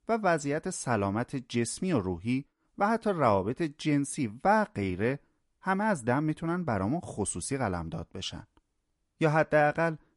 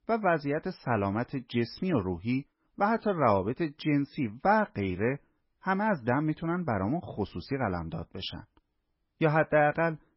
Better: first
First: garbled, watery; slightly; nothing above 10.5 kHz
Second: garbled, watery; badly; nothing above 5.5 kHz

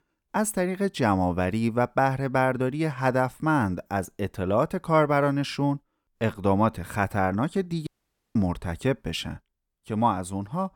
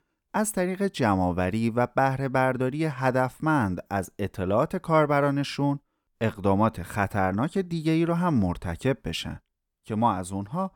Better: second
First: audio cutting out; at 8 s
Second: none

